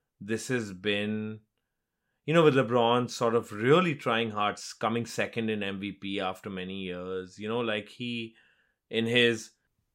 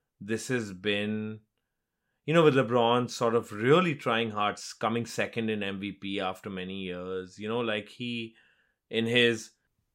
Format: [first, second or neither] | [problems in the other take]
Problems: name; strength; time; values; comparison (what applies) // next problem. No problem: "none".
neither | none